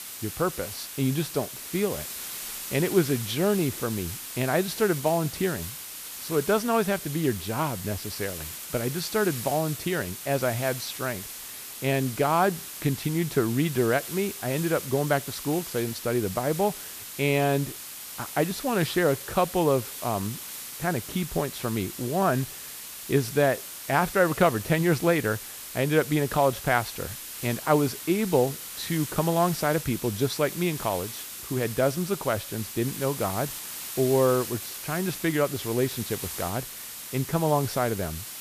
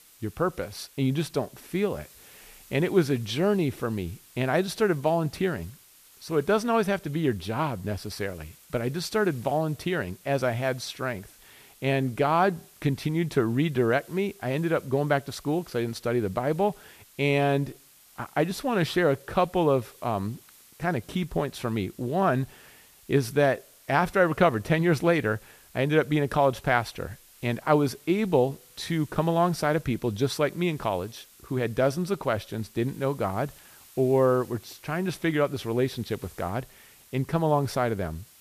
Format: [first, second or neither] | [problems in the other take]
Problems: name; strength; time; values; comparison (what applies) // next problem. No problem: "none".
second | hiss; loud; throughout; 9 dB below the speech; faint in the second